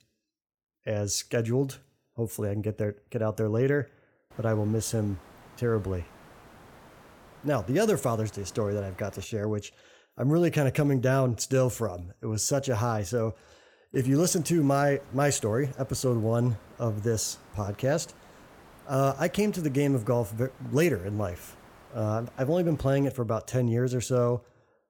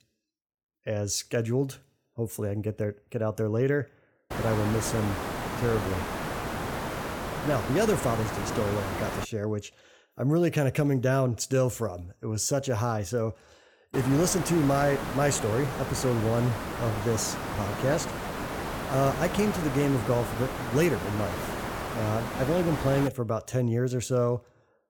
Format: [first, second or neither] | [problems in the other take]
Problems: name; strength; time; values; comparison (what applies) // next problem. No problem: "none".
first | hiss; loud; from 4.5 to 9.5 s and from 14 to 23 s; 5 dB below the speech; faint in the first